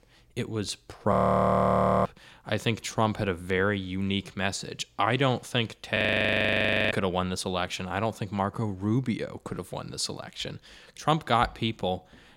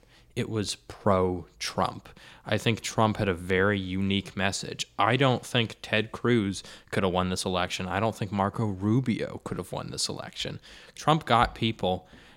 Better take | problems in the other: second | audio freezing; at 1 s for 1 s and at 6 s for 1 s

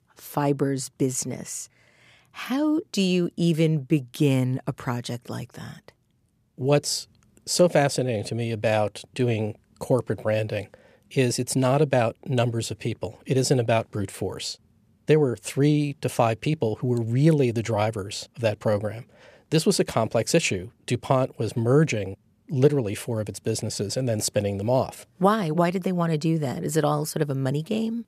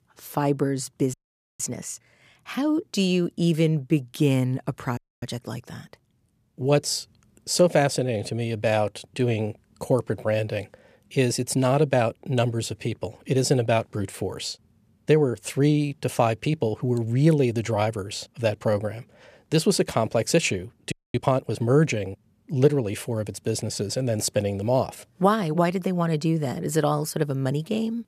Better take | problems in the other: first | audio freezing; at 1 s, at 5 s and at 21 s

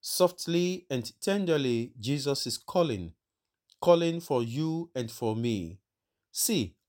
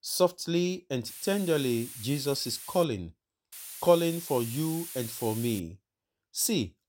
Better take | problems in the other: first | hiss; noticeable; from 1 to 3 s and from 3.5 to 5.5 s; 10 dB below the speech

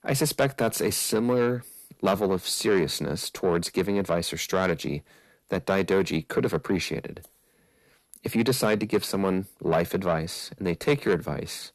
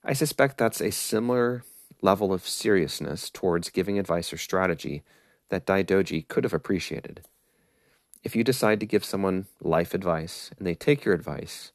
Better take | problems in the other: second | distortion; slight; 10 dB below the speech

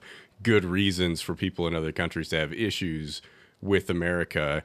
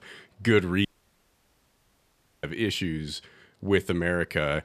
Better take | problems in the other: first | audio cutting out; at 1 s for 1.5 s

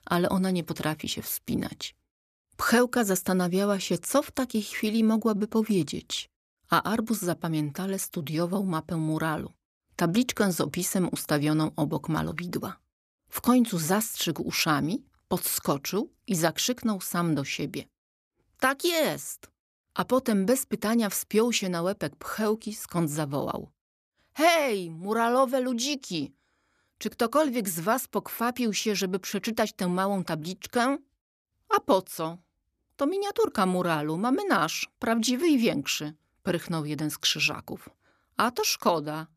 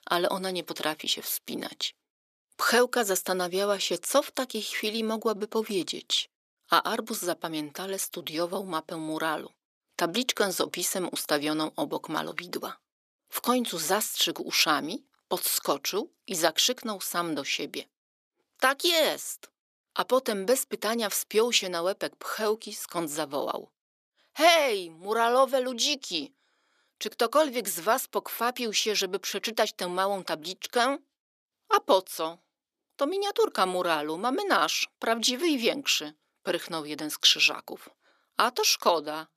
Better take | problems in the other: first | thin; somewhat; fading below 450 Hz

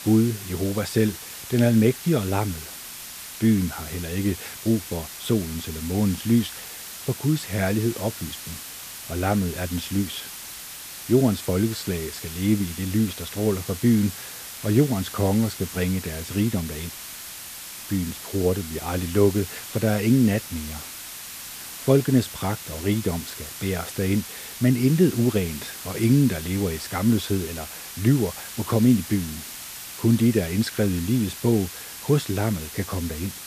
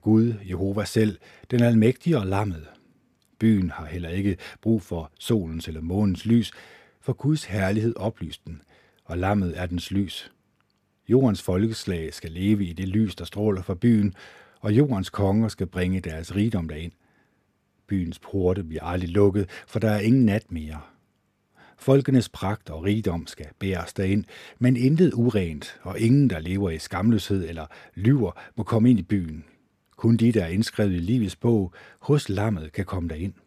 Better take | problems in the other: second | hiss; noticeable; throughout; 10 dB below the speech

